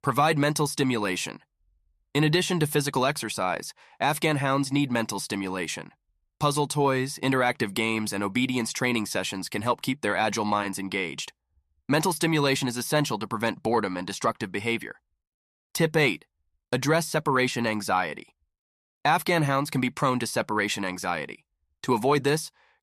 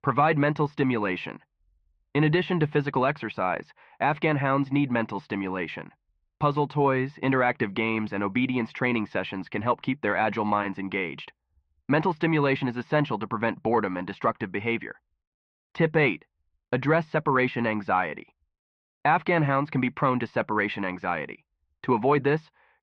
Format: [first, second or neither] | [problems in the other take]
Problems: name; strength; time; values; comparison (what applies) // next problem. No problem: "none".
first | muffled; very; fading above 2.5 kHz